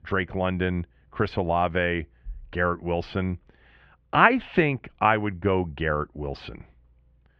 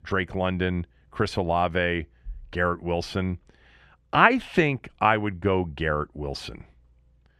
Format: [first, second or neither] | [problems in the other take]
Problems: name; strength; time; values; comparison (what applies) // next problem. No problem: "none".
second | muffled; slightly; fading above 3 kHz